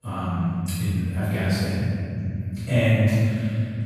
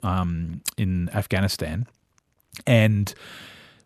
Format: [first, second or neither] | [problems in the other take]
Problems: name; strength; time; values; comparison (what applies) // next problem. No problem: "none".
second | off-mic speech; far // room echo; strong; dies away in 3 s